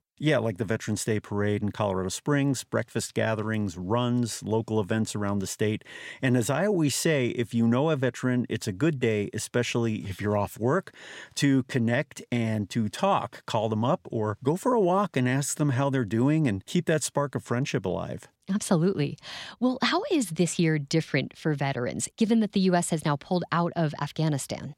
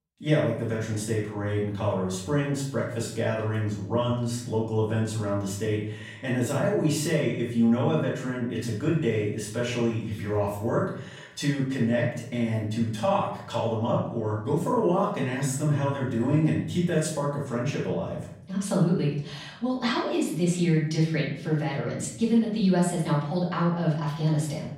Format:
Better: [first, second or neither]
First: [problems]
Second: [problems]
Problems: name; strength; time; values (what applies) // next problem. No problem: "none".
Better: first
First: none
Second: off-mic speech; far // room echo; noticeable; dies away in 0.6 s